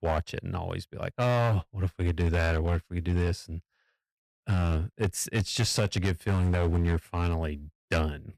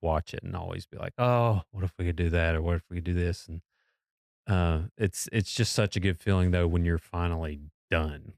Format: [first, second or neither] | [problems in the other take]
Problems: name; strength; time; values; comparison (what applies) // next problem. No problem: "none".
second | distortion; slight; 8% of the sound clipped